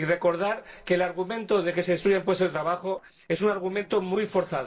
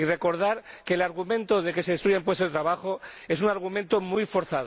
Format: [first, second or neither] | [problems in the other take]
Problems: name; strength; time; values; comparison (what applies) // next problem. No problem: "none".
second | noise reduction (neural separator model SepFormer DNS4)